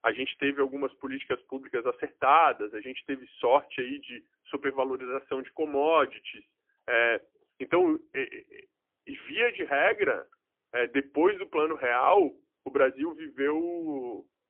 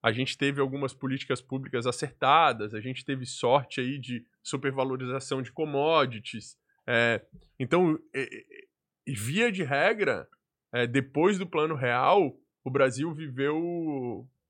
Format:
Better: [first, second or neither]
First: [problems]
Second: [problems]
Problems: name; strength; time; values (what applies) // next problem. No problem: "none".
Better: second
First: phone-call audio; poor line; nothing above 3 kHz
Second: none